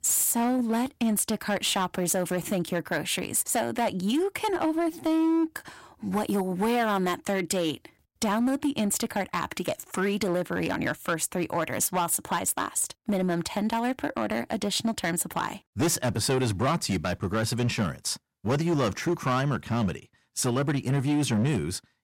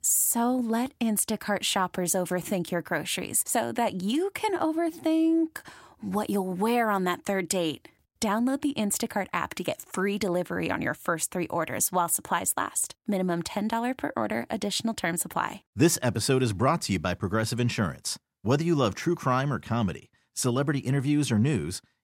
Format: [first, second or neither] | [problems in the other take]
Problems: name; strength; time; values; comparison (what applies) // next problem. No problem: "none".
second | distortion; slight; 10% of the sound clipped